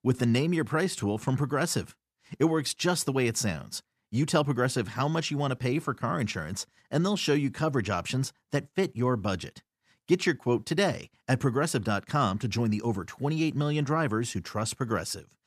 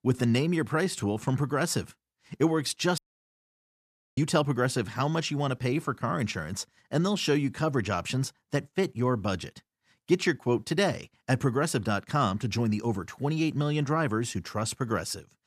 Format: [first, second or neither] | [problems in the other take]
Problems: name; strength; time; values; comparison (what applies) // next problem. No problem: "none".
first | audio cutting out; at 3 s for 1 s